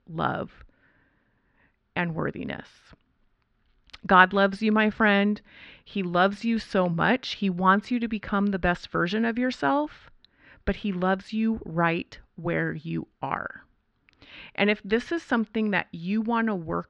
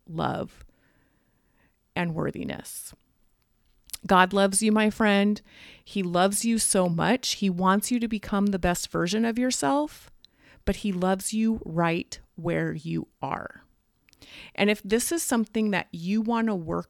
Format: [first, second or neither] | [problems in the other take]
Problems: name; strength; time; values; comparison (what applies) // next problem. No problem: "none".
second | muffled; slightly; fading above 4 kHz